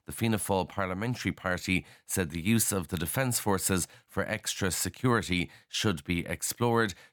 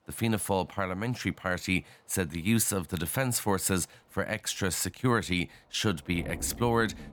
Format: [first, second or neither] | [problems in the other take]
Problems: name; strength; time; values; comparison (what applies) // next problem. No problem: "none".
first | rain or running water; noticeable; throughout; 15 dB below the speech